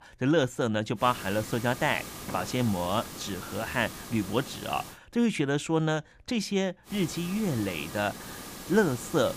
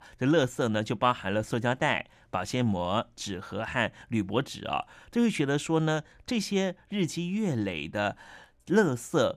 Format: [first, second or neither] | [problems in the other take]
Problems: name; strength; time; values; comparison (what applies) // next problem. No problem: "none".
second | hiss; noticeable; from 1 to 5 s and from 7 s on; 10 dB below the speech